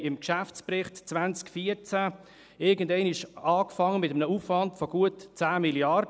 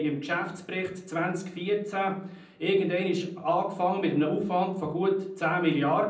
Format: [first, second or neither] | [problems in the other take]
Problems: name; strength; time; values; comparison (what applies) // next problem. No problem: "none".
first | room echo; dies away in 0.6 s